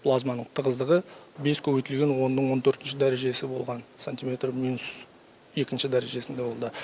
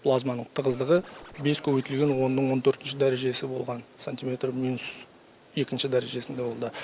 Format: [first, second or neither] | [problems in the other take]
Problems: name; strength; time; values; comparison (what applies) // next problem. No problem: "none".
first | background sound (Scratching (performance technique)); 20 dB below the speech